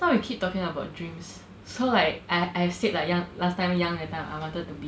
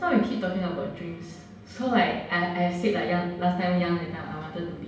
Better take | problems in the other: first | room echo; dies away in 0.8 s

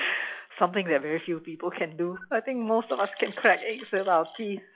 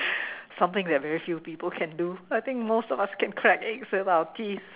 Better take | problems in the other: second | noise reduction (classical method log-MMSE)

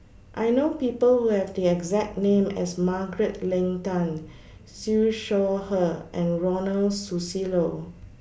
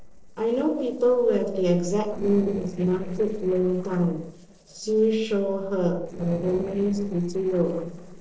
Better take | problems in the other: first | noise reduction (neural separator model SepFormer DNS4)

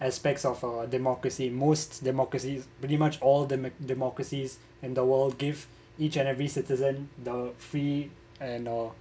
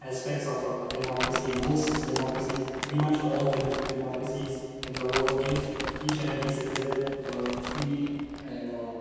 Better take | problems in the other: first | background sound (Crumpling, crinkling); 6 dB below the speech // room echo; dies away in 2.1 s

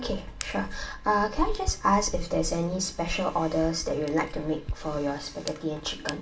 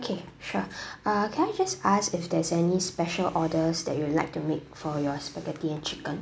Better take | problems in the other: second | background sound (Hands); 7 dB below the speech // room echo; dies away in 0.1 s

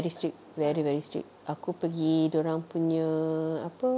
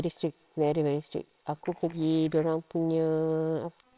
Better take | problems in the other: first | noise reduction (neural separator model SepFormer WHAMR!)

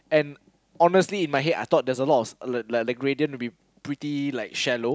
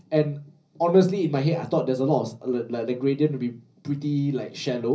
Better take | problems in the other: first | room echo; dies away in 0.5 s

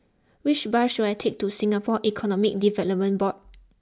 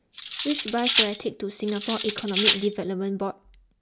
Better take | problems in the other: first | background sound (Cutlery, silverware); 1 dB above the speech

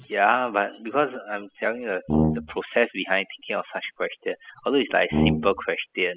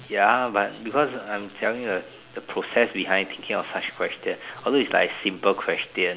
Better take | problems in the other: second | noise reduction (classical method spectral subtraction)

